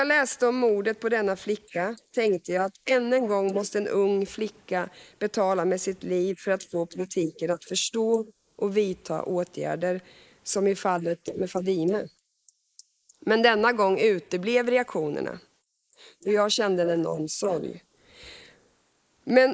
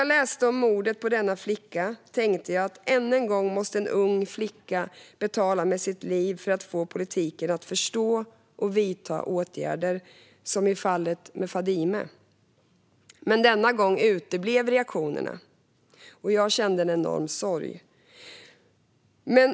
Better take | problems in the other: second | noise reduction (neural mask model Resemble Enhance denoiser)

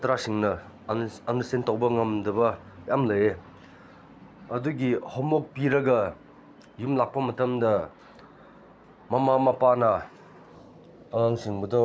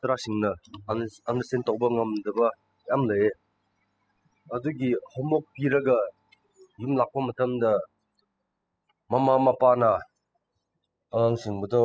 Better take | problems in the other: first | noise reduction (classical method spectral subtraction)

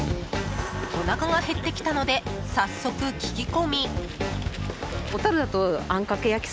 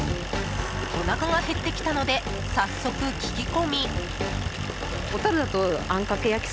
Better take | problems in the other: first | background sound (Idling); 8 dB below the speech

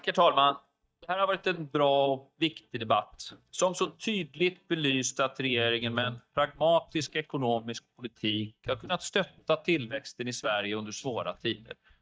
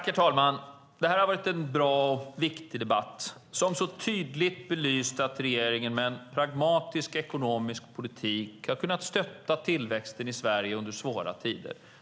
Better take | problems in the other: second | noise reduction (neural mask model DeepFilterNet 3)

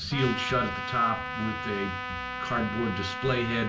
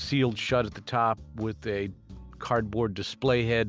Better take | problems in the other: second | background sound (Trumpet); 5 dB below the speech // room echo; dies away in 0.3 s

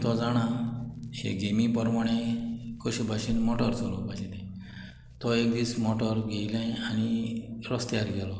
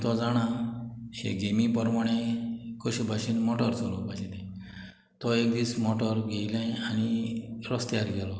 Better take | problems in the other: second | background sound (Guitar + Hands); 13 dB below the speech

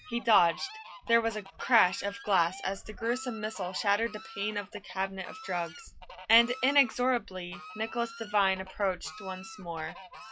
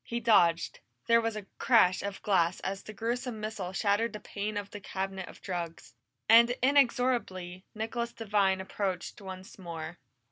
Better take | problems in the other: second | noise reduction (classical method log-MMSE)

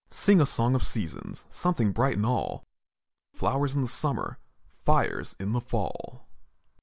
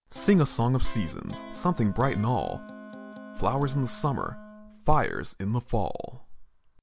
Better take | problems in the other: first | background sound (Wind instrument, woodwind instrument + Electric guitar); 18 dB below the speech

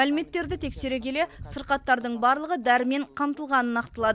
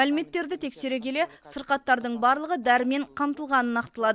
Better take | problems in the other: second | background sound (Bicycle); 19 dB below the speech

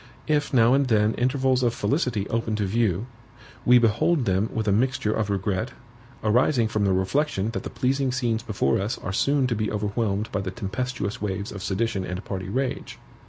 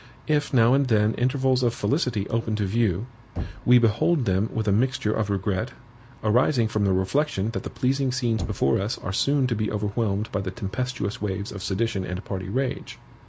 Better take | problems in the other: first | background sound (Knock); 20 dB below the speech

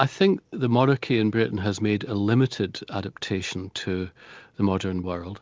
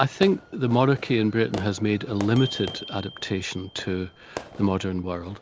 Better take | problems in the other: first | background sound (Glockenspiel + Fireworks); 15 dB below the speech

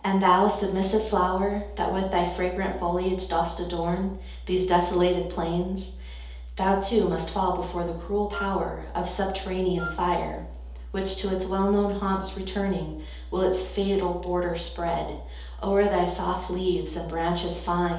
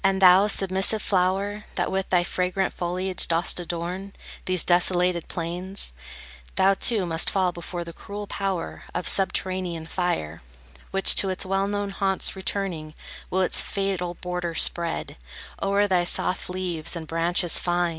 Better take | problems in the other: second | background sound (Wind instrument, woodwind instrument); 13 dB below the speech // room echo; dies away in 2.2 s

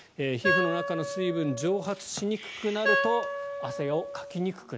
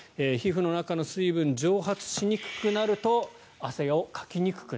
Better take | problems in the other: second | background sound (Wind instrument, woodwind instrument); 2 dB below the speech

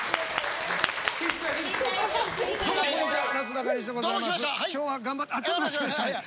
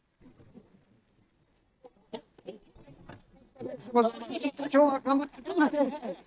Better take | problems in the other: first | noise reduction (neural mask model DeepFilterNet 3)

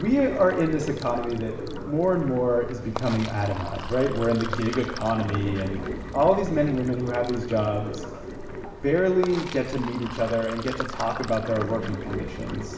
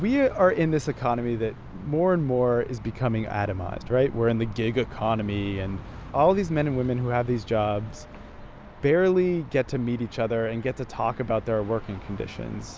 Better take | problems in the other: second | background sound (Sink (filling or washing)); 10 dB below the speech // room echo; dies away in 1 s

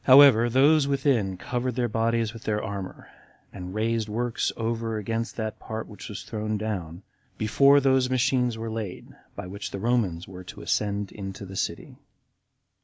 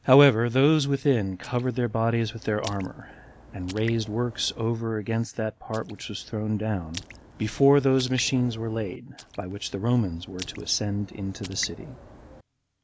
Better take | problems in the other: first | background sound (Raindrop); 19 dB below the speech

